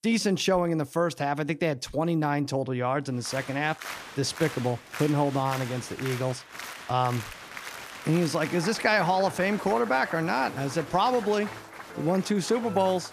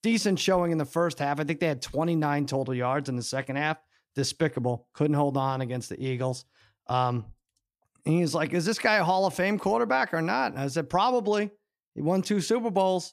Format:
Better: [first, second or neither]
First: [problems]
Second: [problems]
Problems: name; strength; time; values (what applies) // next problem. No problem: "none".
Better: second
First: crowd noise; noticeable; from 3.5 s on; 10 dB below the speech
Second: none